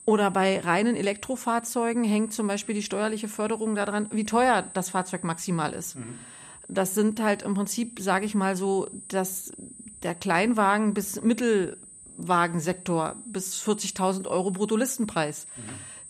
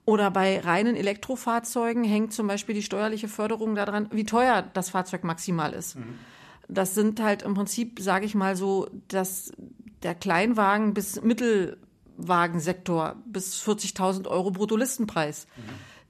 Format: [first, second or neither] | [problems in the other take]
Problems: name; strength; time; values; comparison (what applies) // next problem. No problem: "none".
second | high-pitched whine; noticeable; throughout; 9 kHz, 15 dB below the speech